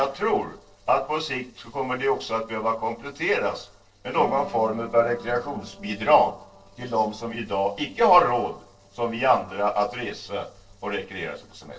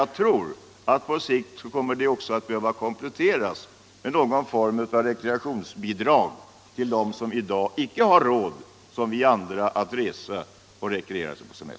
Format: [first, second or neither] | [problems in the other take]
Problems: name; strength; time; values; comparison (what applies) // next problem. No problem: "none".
second | noise reduction (neural separator model SepFormer DNS4)